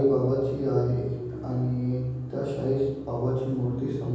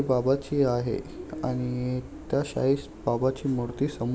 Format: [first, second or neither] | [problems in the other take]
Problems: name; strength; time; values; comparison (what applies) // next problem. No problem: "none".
second | room echo; dies away in 1.3 s